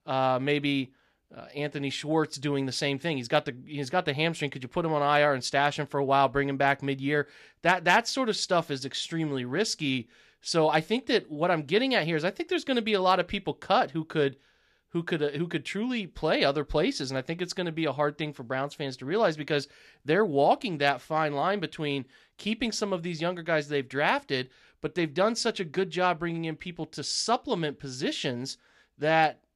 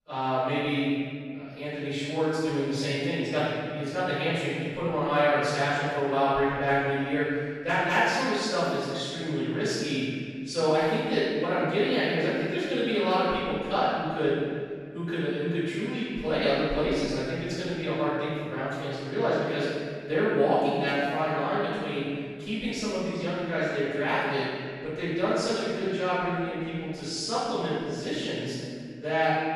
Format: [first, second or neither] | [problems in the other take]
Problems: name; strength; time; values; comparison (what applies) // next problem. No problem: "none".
first | off-mic speech; far // room echo; strong; dies away in 1.9 s